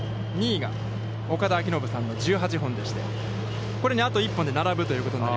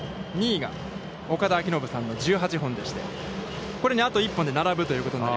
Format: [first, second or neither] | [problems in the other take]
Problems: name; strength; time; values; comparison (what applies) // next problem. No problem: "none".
second | background sound (Organ); 4 dB below the speech